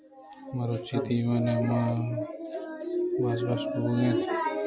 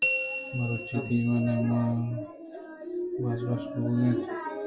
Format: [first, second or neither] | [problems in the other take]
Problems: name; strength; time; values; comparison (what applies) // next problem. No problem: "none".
first | background sound (Bell); 7 dB below the speech // room echo; dies away in 0.2 s